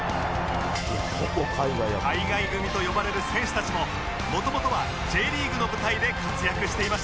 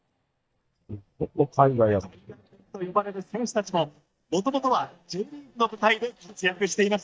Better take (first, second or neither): first